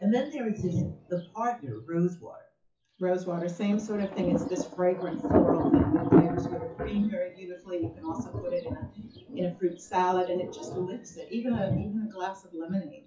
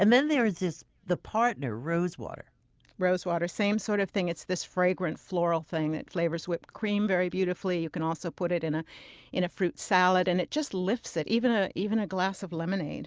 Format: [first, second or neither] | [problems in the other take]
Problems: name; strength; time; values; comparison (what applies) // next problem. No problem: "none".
second | noise reduction (classical method WPE with log-MMSE)